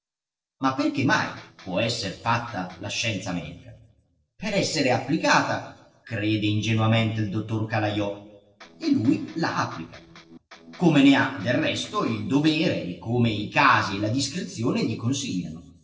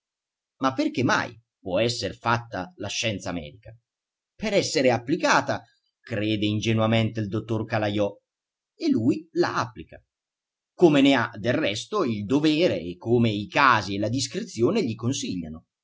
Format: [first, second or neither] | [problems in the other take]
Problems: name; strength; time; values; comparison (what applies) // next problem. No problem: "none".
second | noise reduction (neural separator model SepFormer DNS4)